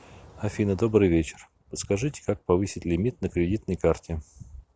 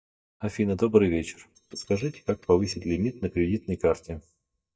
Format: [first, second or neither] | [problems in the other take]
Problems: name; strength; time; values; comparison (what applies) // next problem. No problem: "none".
first | noise reduction (neural mask model DeepFilterNet 3)